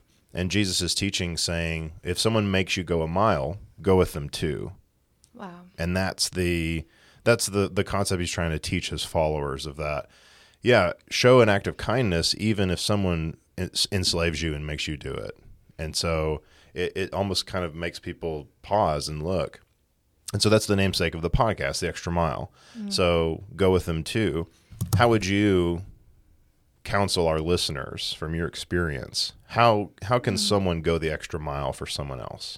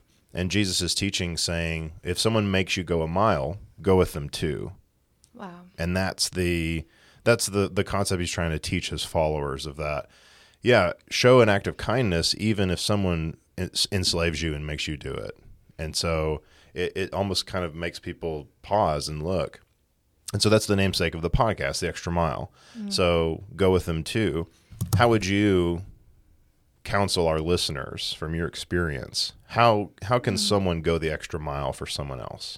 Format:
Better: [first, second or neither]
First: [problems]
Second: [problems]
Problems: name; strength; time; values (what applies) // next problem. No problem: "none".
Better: neither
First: keyboard typing; noticeable; at 25 s; peak 3 dB below the speech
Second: keyboard typing; noticeable; at 25 s; peak 3 dB below the speech